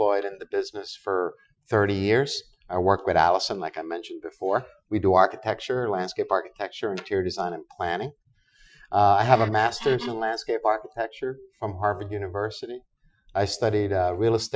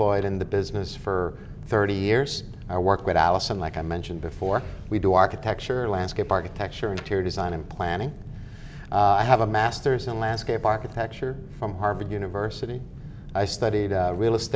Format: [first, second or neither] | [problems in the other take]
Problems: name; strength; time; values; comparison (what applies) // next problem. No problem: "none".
second | noise reduction (classical method Wiener filter)